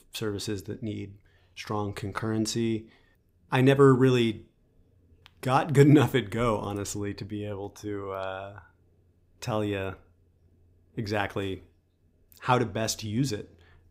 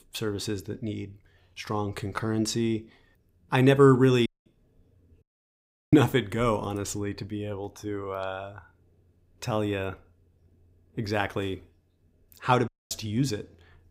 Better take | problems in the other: first | audio cutting out; at 4.5 s, at 5 s for 0.5 s and at 13 s

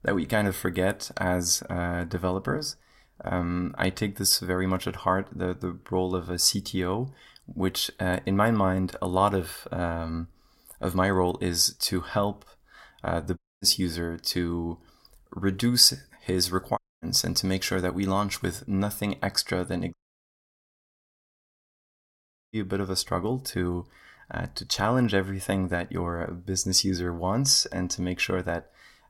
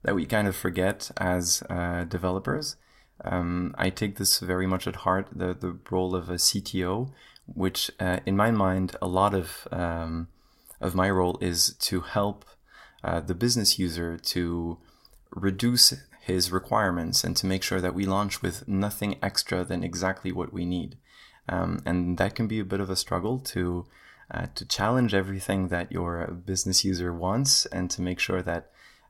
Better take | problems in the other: second | audio cutting out; at 13 s, at 17 s and at 20 s for 2.5 s

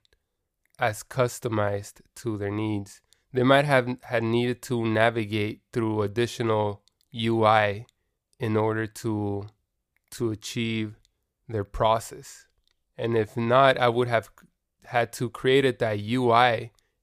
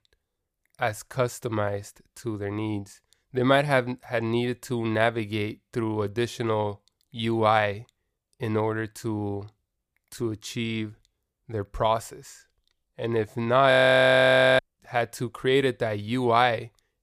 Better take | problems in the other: first | audio freezing; at 14 s for 1 s

